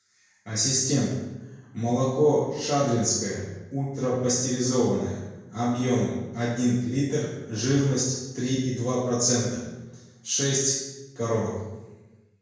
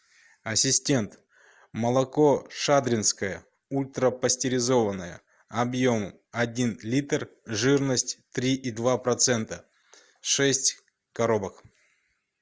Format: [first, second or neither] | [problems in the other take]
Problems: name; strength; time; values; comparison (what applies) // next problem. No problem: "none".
second | room echo; dies away in 1 s